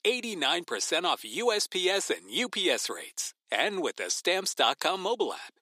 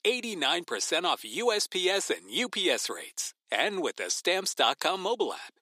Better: neither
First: thin; very; fading below 350 Hz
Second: thin; very; fading below 350 Hz

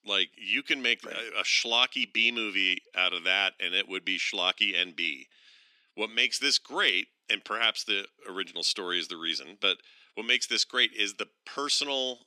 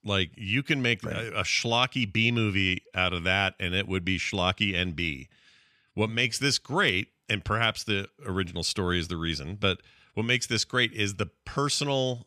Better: second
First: thin; somewhat; fading below 250 Hz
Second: none

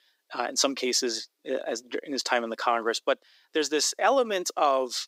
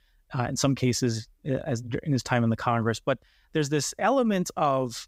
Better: second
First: thin; somewhat; fading below 300 Hz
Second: none

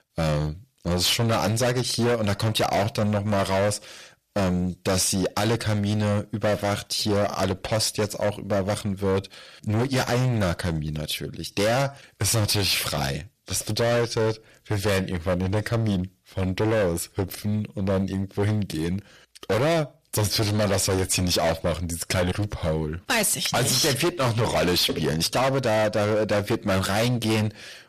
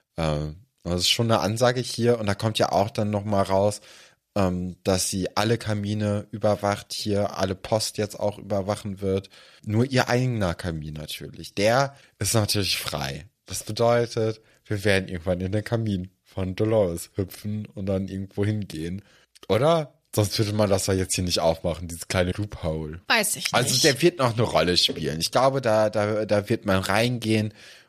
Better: second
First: distortion; heavy; 20% of the sound clipped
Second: none

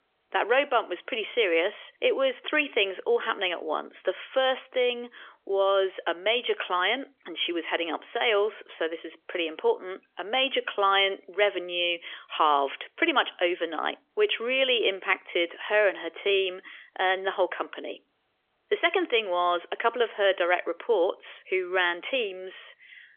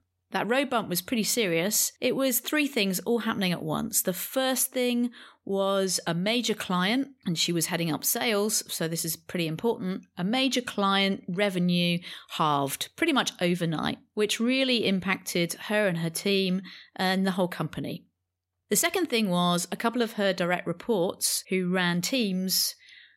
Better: second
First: phone-call audio; nothing above 3.5 kHz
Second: none

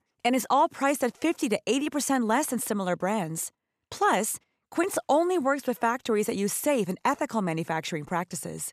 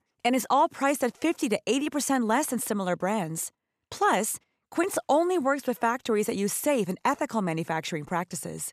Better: neither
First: none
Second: none

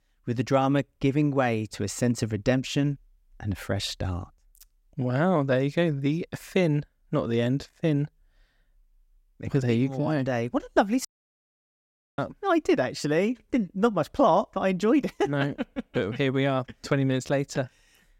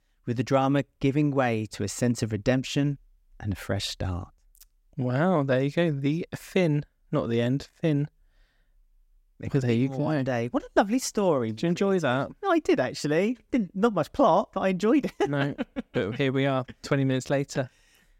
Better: second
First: audio cutting out; at 11 s for 1 s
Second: none

